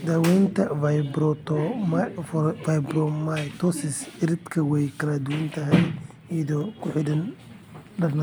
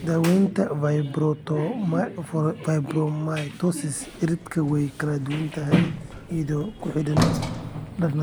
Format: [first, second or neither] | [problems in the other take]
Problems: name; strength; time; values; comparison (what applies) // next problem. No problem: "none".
first | background sound (Sliding door); 10 dB below the speech